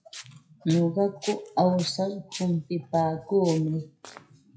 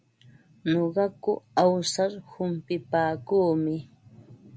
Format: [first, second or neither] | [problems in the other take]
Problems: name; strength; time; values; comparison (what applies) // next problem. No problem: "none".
second | noise reduction (classical method WPE with log-MMSE)